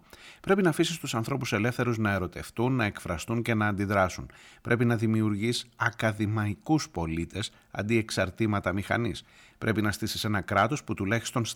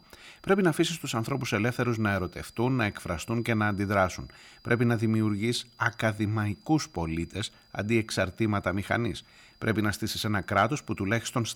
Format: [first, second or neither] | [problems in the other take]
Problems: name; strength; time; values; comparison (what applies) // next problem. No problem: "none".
first | high-pitched whine; faint; throughout; 5 kHz, 30 dB below the speech